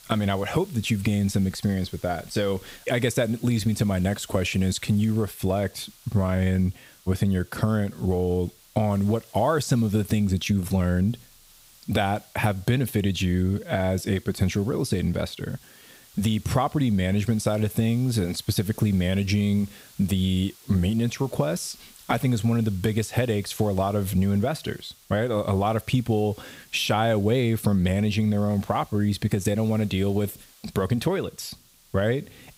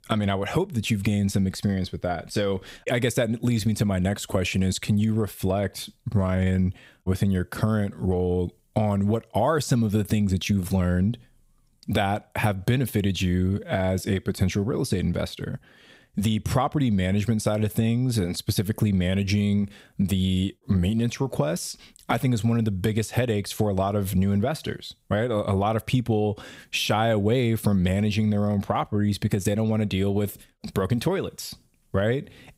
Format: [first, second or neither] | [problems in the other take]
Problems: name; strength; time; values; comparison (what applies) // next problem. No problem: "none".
second | hiss; faint; throughout; 25 dB below the speech